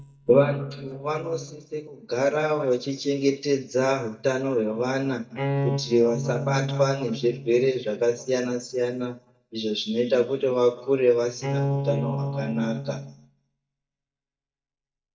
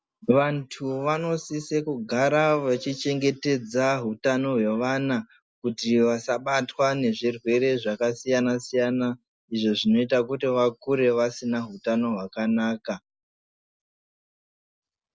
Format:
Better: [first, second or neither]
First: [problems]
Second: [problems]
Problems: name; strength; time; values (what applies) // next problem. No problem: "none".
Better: second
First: noise reduction (neural mask model DeepFilterNet 3)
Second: none